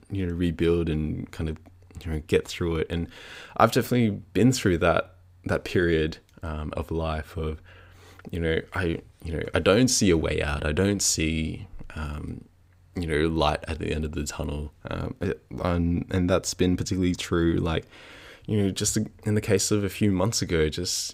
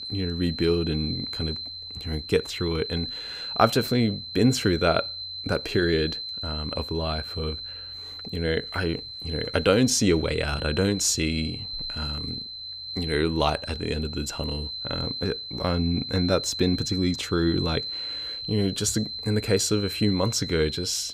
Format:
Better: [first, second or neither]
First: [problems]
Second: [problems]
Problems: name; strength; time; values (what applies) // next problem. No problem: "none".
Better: first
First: none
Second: high-pitched whine; loud; throughout; 4 kHz, 7 dB below the speech